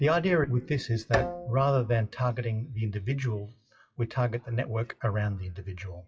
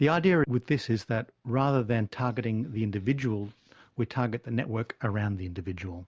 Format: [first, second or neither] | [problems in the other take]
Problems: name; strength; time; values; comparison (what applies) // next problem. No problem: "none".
second | noise reduction (classical method WPE with log-MMSE)